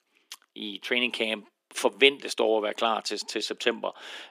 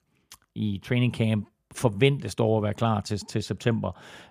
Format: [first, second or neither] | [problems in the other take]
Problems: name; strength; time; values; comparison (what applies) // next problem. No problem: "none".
second | thin; somewhat; fading below 300 Hz